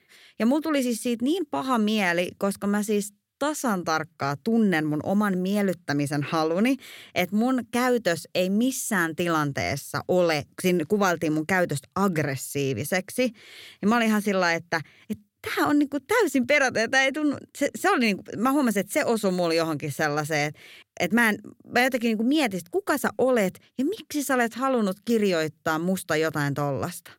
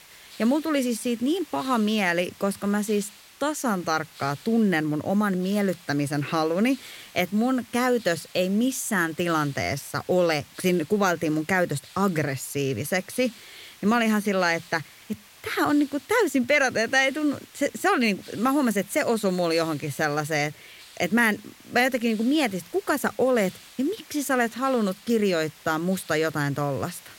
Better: first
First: none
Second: hiss; faint; throughout; 20 dB below the speech

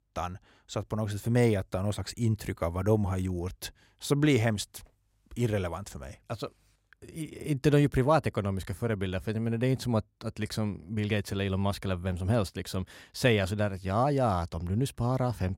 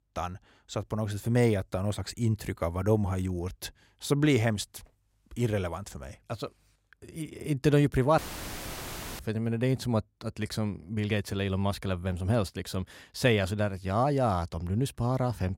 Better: first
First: none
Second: audio cutting out; filled with static; at 8 s for 1 s

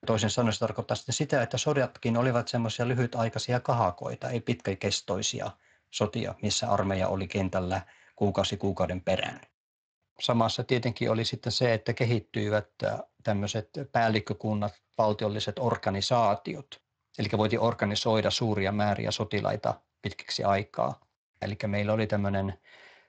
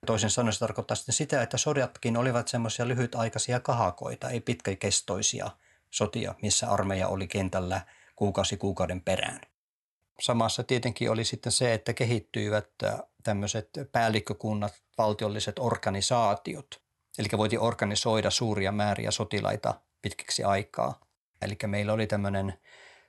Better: second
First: garbled, watery; slightly; nothing above 7.5 kHz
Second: none

